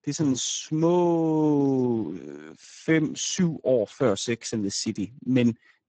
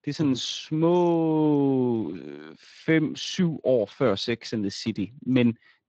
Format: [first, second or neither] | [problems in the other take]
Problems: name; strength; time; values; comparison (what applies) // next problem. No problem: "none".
second | garbled, watery; badly; nothing above 7.5 kHz; slightly in the second